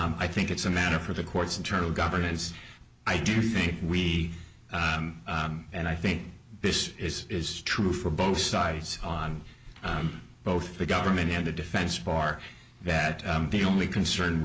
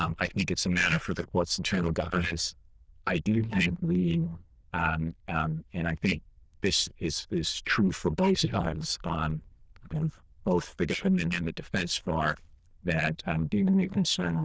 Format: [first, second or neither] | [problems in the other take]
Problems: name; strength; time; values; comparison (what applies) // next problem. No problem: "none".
first | noise reduction (neural diffusion model UNIVERSE++)